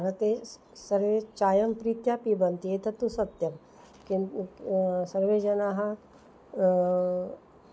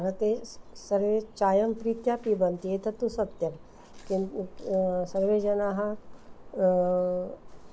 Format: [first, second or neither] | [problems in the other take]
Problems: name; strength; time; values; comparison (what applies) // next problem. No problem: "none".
first | background sound (Chewing, mastication); 16 dB below the speech